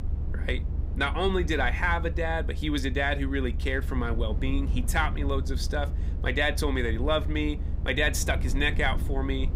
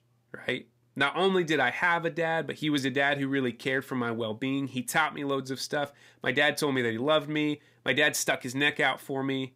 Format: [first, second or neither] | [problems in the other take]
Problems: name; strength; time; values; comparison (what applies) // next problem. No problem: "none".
second | low rumble; noticeable; throughout; 20 dB below the speech